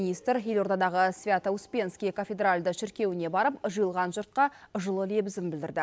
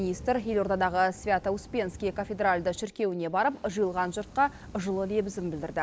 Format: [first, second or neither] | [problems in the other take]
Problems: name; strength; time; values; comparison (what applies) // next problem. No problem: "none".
first | background sound (Fire); 18 dB below the speech